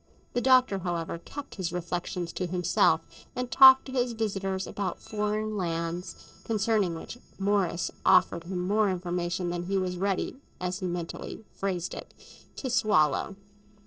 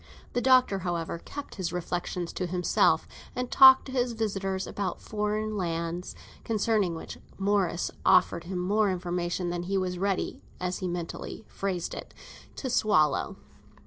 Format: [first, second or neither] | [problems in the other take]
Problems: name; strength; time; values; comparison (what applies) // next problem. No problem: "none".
second | noise reduction (neural separator model SepFormer DNS4)